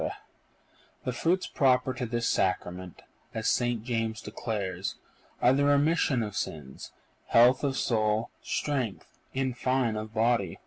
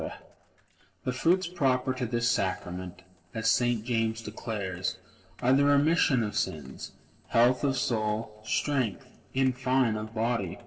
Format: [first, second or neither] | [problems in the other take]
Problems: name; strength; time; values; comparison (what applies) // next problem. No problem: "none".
first | noise reduction (neural separator model SepFormer DNS4)